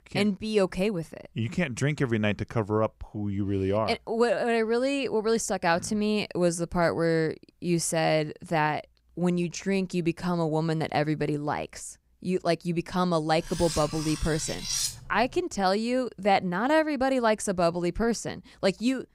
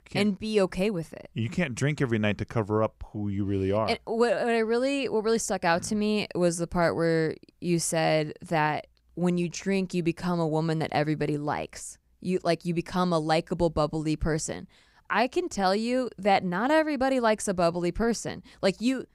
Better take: second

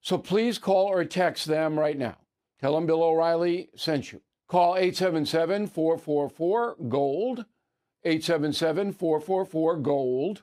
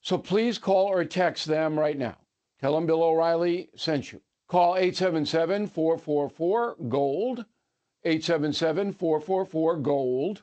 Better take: first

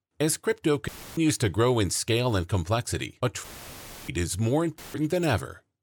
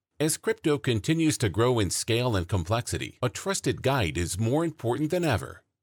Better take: second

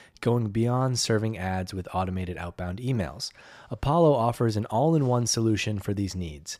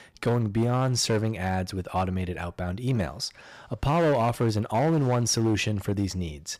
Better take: first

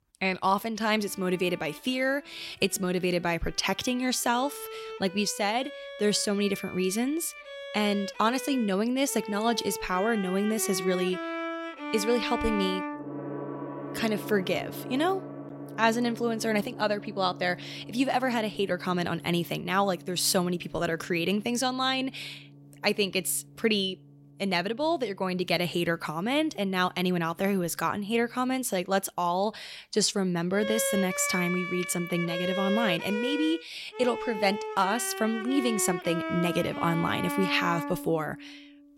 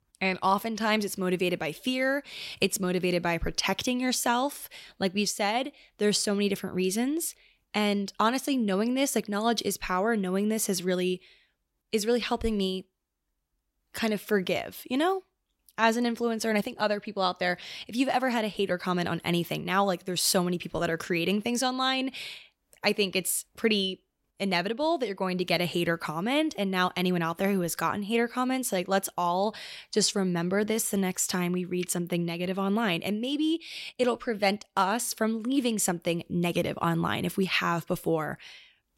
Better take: second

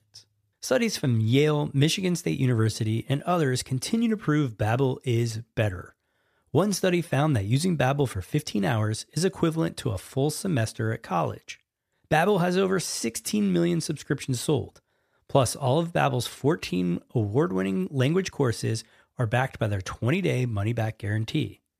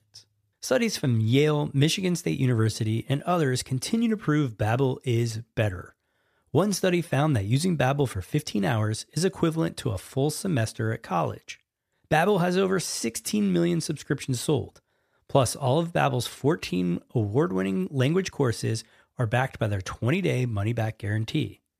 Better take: neither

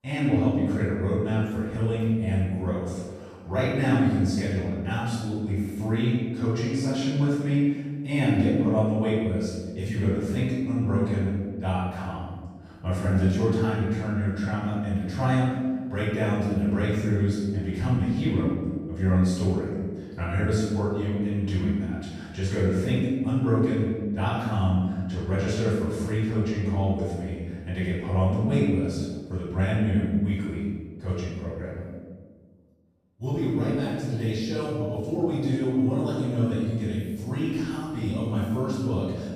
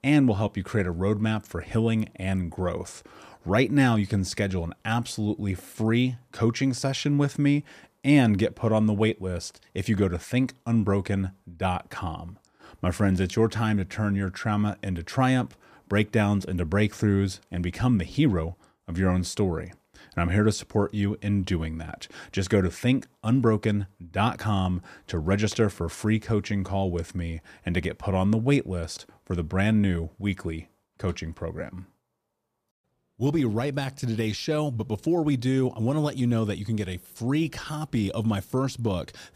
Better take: second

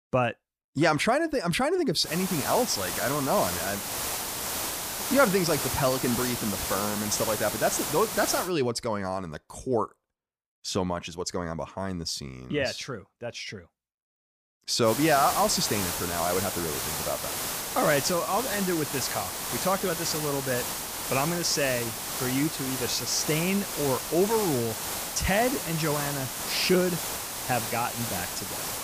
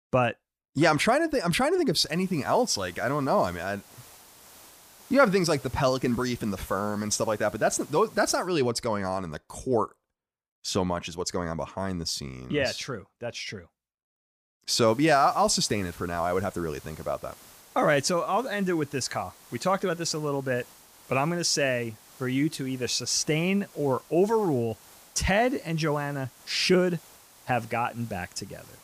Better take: second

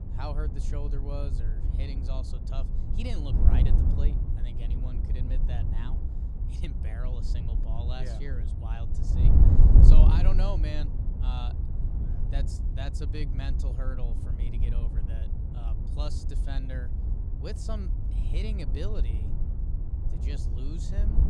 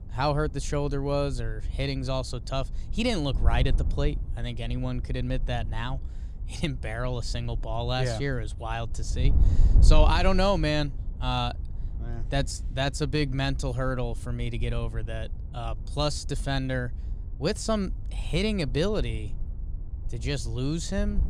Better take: second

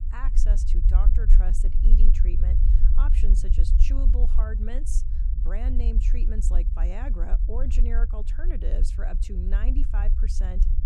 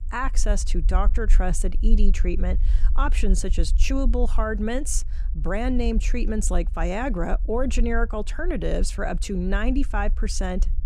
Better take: second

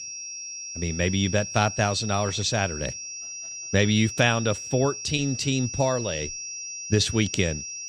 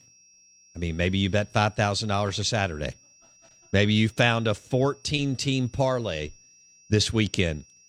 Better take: second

